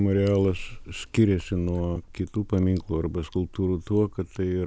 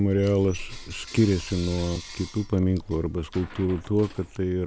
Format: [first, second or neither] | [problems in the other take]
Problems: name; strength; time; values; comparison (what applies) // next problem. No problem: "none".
first | background sound (Coin (dropping) / Bell); 19 dB below the speech